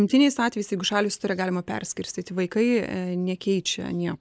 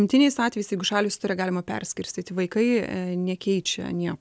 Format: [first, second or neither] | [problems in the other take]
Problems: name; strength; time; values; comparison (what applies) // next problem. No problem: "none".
second | noise reduction (neural mask model Resemble Enhance denoiser)